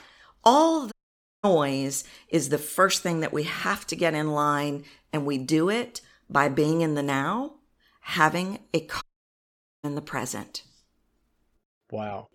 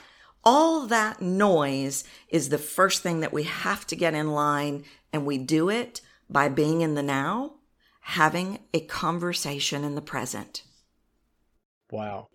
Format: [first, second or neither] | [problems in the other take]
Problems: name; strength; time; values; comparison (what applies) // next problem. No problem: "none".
second | audio cutting out; at 1 s for 0.5 s and at 9 s for 1 s